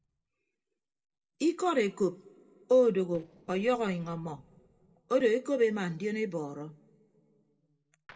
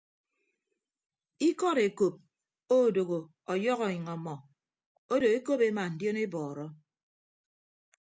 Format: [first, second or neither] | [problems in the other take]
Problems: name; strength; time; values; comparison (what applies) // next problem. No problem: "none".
second | noise reduction (neural separator model SepFormer DNS4)